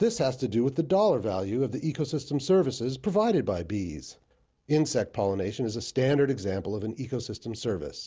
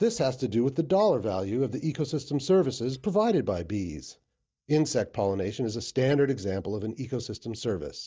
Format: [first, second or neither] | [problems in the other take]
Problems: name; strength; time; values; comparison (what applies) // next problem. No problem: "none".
first | noise reduction (neural mask model DeepFilterNet 3)